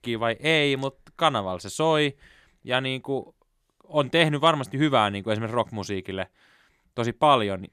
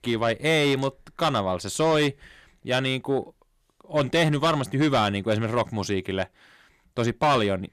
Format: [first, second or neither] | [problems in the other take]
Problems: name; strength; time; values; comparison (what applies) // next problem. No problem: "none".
first | distortion; heavy; 7 dB below the speech